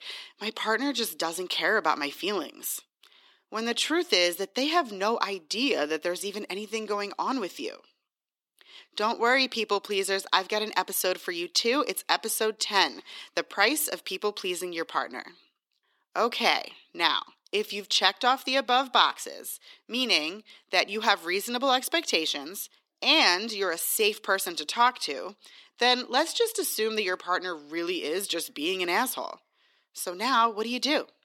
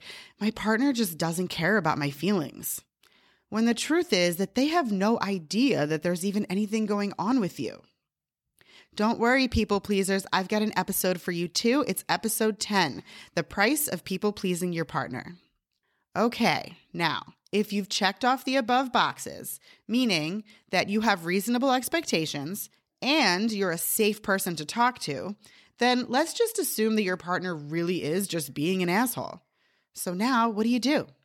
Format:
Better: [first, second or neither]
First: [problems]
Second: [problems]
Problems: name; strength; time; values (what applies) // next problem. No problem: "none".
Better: second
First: thin; somewhat; fading below 300 Hz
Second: none